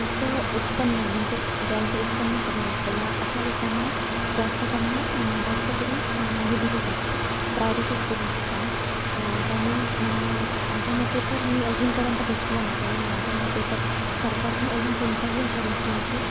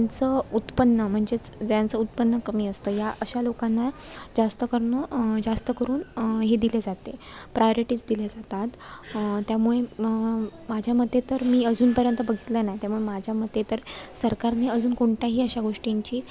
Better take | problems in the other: second | background sound (Mechanical fan); 3 dB above the speech

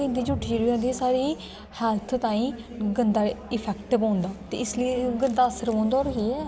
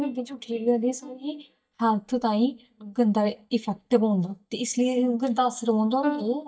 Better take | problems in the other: first | noise reduction (neural mask model DeepFilterNet 3)

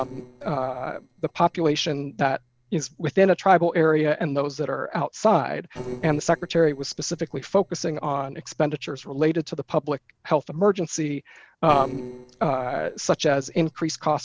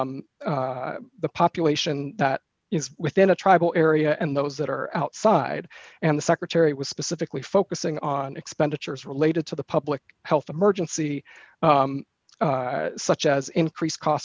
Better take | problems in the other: second | noise reduction (neural separator model SepFormer DNS4)

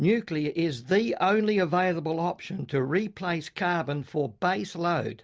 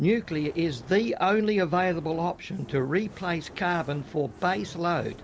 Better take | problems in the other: first | background sound (Fire); 20 dB below the speech

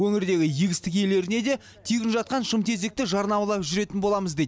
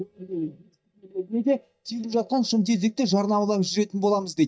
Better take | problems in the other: first | noise reduction (neural mask model DeepFilterNet 3)

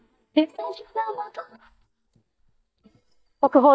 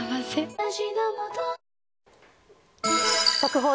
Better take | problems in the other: second | noise reduction (neural mask model DeepFilterNet 3)

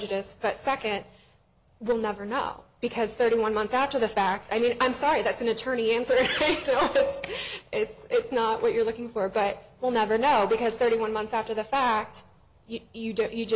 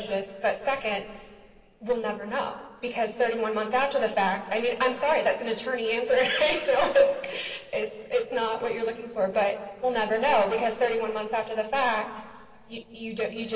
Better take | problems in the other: first | noise reduction (neural separator model SepFormer DNS4)

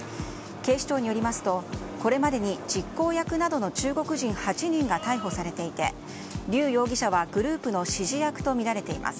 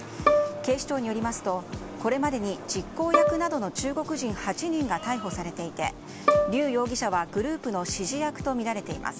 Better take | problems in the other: first | background sound (Bowed string instrument); 2 dB below the speech

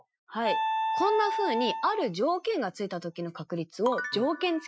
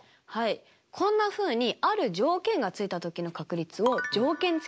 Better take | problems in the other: second | noise reduction (classical method Wiener filter)

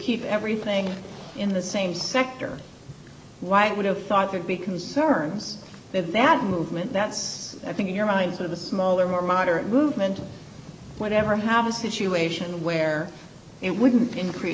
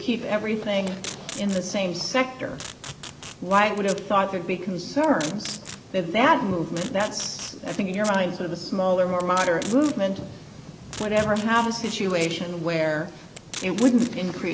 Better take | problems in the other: first | background sound (Packing tape, duct tape); 17 dB below the speech

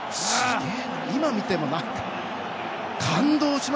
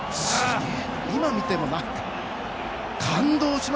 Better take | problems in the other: first | background sound (Train + Meow / Purr); 10 dB below the speech

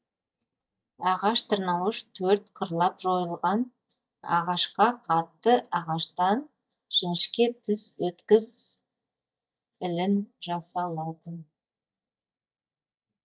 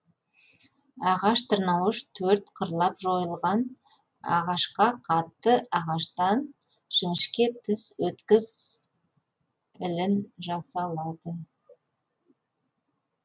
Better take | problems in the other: second | noise reduction (neural mask model DeepFilterNet 3)

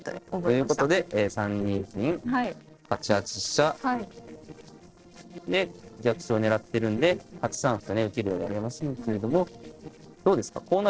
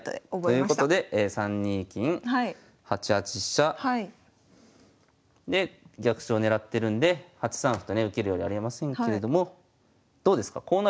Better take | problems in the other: second | noise reduction (neural separator model SepFormer DNS4)

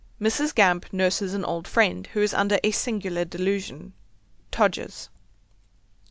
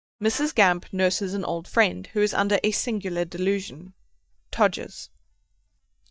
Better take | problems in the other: first | noise reduction (neural mask model DeepFilterNet 3)

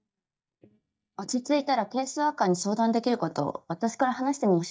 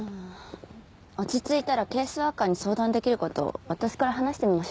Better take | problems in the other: second | noise reduction (neural mask model DeepFilterNet 3)

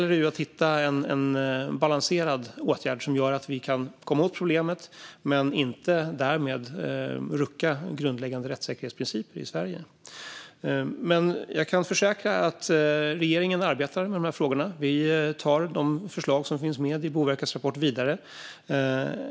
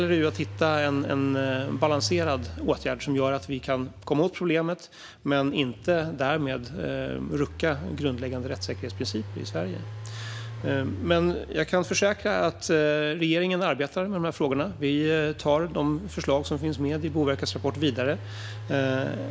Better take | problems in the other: first | background sound (Engine); 13 dB below the speech

